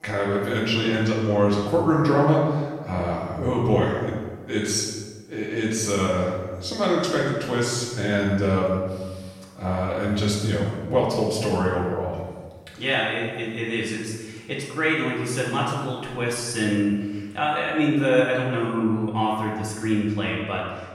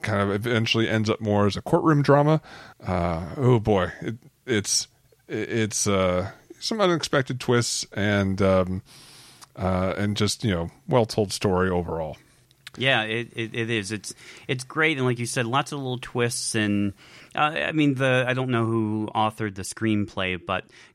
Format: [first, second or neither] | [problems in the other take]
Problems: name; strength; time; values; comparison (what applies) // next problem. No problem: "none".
second | room echo; noticeable; dies away in 1.2 s // off-mic speech; far